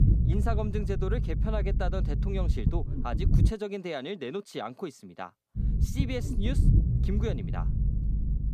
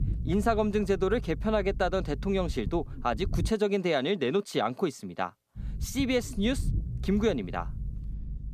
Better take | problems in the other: second | low rumble; loud; until 3.5 s and from 5.5 s on; 5 dB below the speech; faint in the second

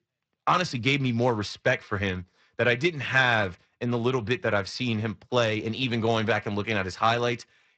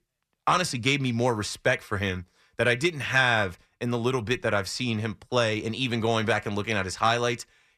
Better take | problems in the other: second | garbled, watery; slightly

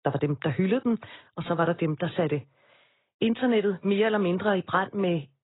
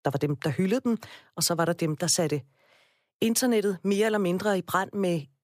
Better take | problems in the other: second | garbled, watery; badly; nothing above 4 kHz

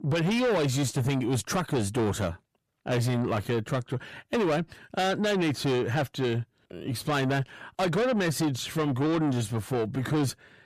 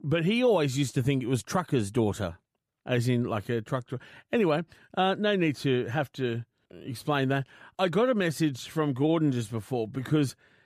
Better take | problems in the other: second | distortion; heavy; 7 dB below the speech

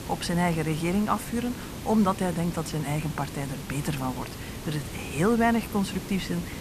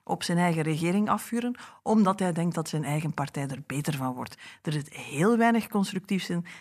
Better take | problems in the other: second | hiss; loud; throughout; 10 dB below the speech

